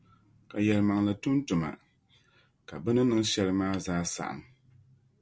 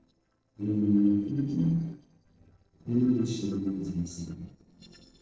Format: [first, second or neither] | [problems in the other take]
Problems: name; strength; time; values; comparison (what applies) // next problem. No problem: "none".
first | noise reduction (neural separator model SepFormer DNS4)